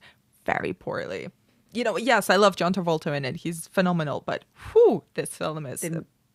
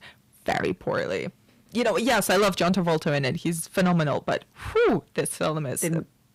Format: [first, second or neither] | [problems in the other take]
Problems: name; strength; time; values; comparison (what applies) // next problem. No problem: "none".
first | distortion; heavy; 6 dB below the speech